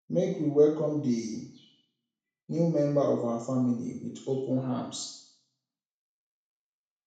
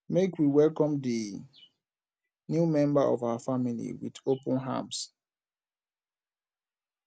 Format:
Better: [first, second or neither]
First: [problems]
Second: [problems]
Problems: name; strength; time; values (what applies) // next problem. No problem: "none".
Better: second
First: room echo; dies away in 0.6 s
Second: none